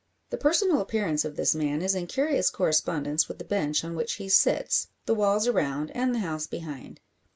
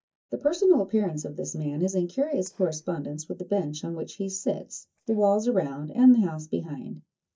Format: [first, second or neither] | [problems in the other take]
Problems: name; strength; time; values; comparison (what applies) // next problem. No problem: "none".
first | noise reduction (neural mask model DeepFilterNet 3)